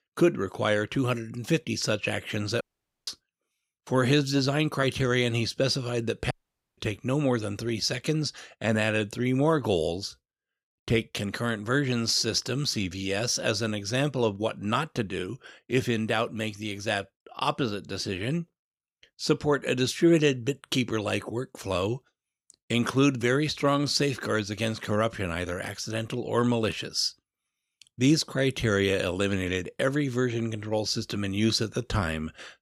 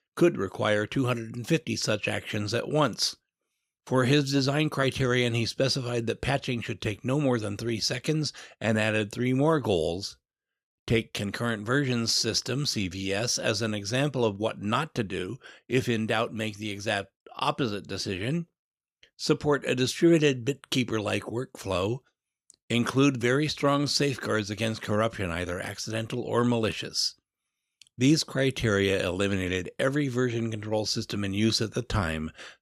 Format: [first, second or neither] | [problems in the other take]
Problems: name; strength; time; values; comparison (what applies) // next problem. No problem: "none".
second | audio cutting out; at 2.5 s and at 6.5 s